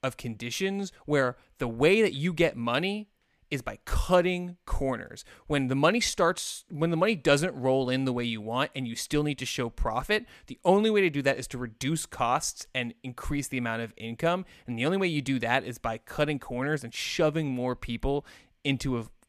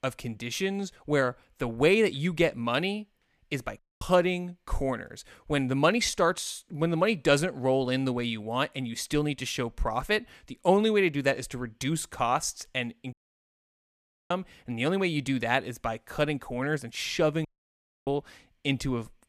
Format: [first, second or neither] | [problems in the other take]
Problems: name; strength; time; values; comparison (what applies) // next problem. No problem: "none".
first | audio cutting out; at 4 s, at 13 s for 1 s and at 17 s for 0.5 s